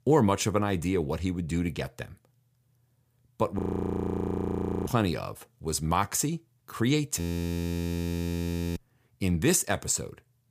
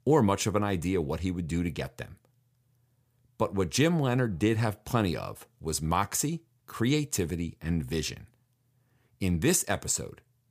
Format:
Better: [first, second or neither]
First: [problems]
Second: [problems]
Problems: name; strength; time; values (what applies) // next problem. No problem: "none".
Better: second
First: audio freezing; at 3.5 s for 1.5 s and at 7 s for 1.5 s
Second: none